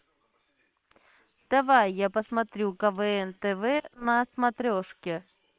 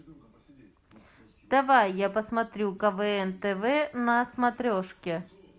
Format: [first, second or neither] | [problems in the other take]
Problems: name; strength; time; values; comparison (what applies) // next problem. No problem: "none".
second | noise reduction (neural separator model SepFormer WHAM!)